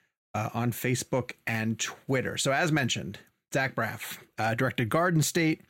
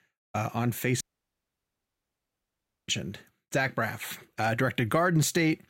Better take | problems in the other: first | audio cutting out; at 1 s for 2 s

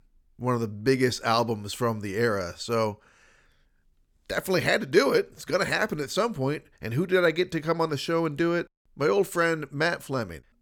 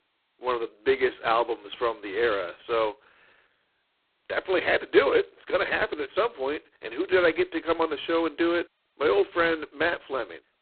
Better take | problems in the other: first | phone-call audio; poor line; nothing above 4 kHz

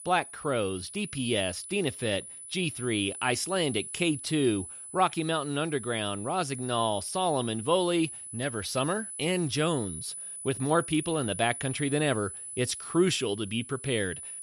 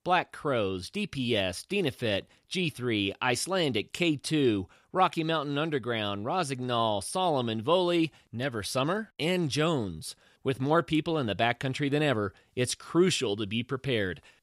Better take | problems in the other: second | high-pitched whine; loud; throughout; 10 kHz, 9 dB below the speech

